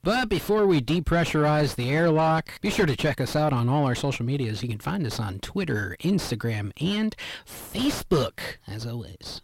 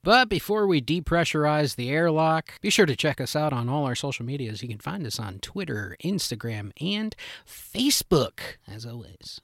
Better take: second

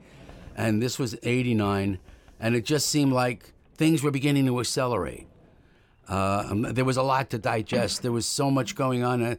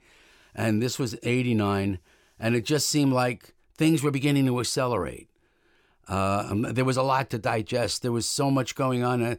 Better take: second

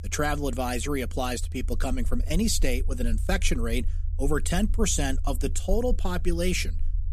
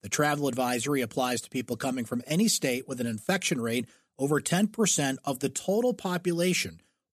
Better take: second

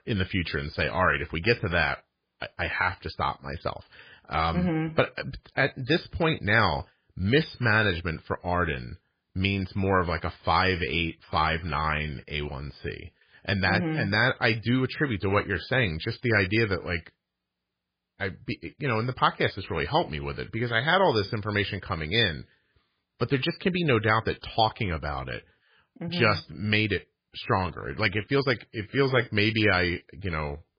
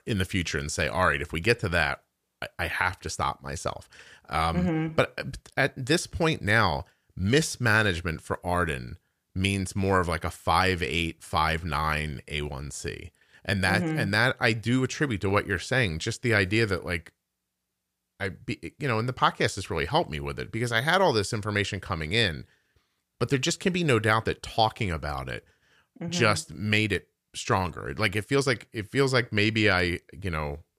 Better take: second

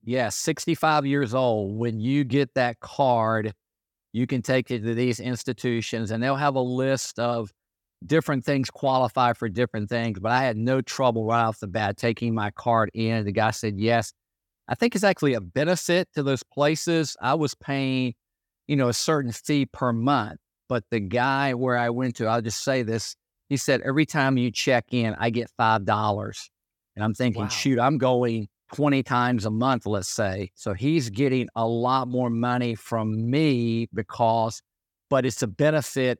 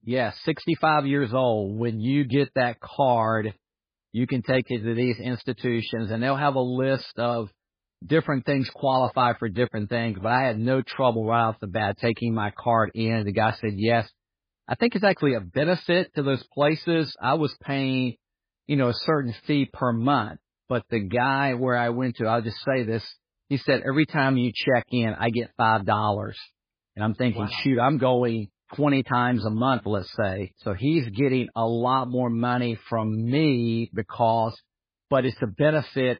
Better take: first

